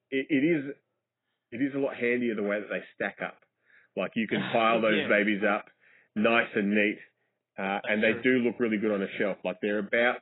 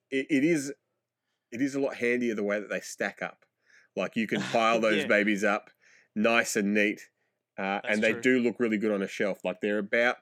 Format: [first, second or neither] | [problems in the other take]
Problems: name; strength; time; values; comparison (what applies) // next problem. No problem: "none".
second | garbled, watery; badly; nothing above 3.5 kHz